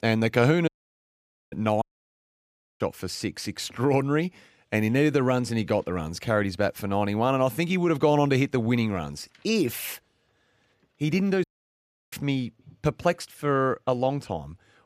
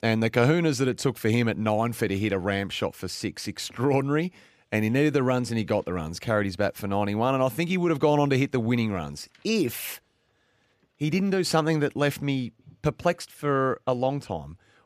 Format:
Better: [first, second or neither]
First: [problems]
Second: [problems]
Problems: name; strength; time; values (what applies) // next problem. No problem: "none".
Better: second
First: audio cutting out; at 0.5 s for 1 s, at 2 s for 1 s and at 11 s for 0.5 s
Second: none